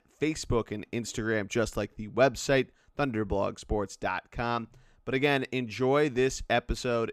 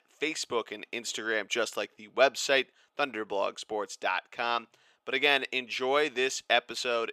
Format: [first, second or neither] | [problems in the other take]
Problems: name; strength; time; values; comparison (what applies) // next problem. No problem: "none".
first | thin; somewhat; fading below 500 Hz